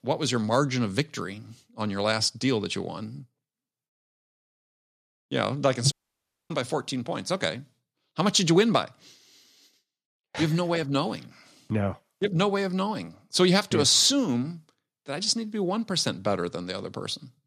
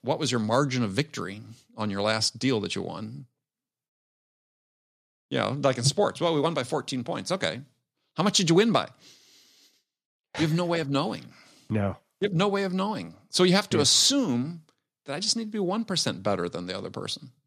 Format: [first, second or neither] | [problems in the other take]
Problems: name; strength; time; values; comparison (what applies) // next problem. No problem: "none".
second | audio cutting out; at 6 s for 0.5 s